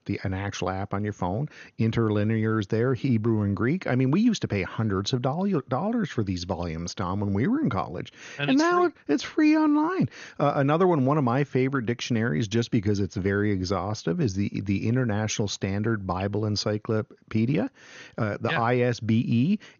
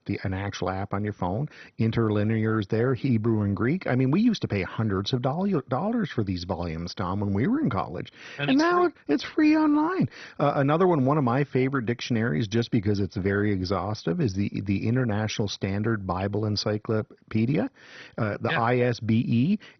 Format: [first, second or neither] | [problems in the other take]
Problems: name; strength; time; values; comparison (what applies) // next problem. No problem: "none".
first | garbled, watery; badly; nothing above 6 kHz; slightly in the first